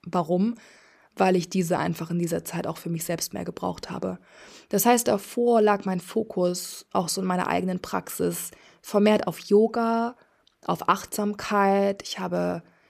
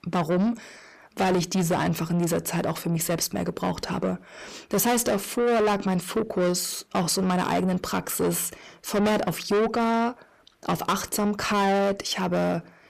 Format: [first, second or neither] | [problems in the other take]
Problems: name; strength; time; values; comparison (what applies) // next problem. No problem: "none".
first | distortion; heavy; 6 dB below the speech